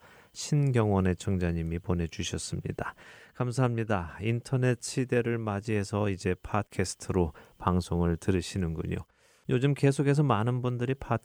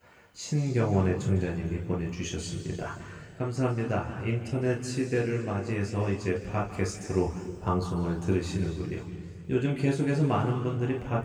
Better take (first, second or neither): first